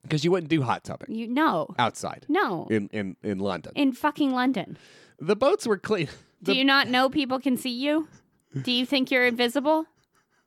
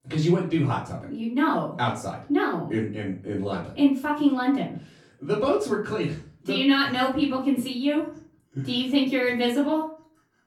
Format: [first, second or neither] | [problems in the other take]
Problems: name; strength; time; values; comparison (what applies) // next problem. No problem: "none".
first | off-mic speech; far // room echo; slight; dies away in 0.4 s